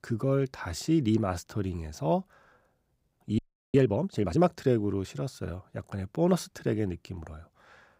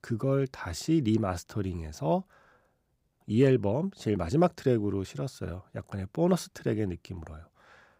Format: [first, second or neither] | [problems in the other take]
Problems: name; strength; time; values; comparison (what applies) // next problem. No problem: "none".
second | audio freezing; at 3.5 s